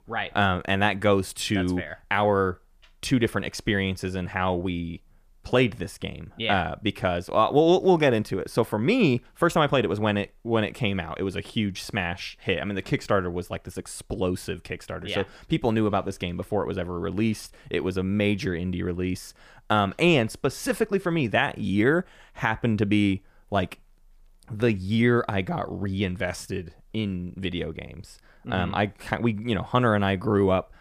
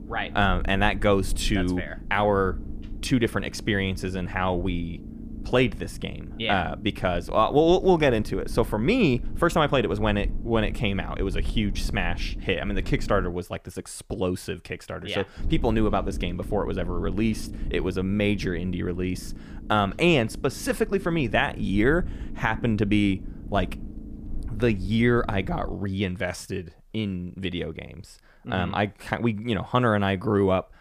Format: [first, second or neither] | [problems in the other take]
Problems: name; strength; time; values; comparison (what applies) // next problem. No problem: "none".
first | low rumble; faint; until 13 s and from 15 to 26 s; 20 dB below the speech